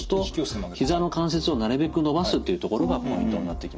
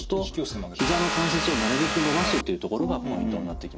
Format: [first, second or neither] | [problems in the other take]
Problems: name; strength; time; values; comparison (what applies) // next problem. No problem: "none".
first | background sound (Vehicle); as loud as the speech